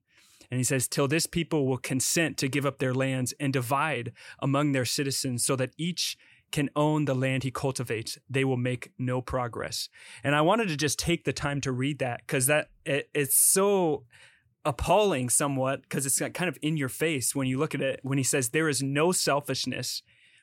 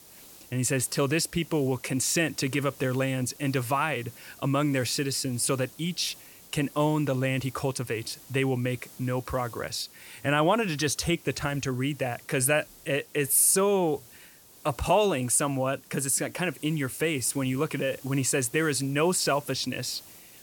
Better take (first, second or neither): first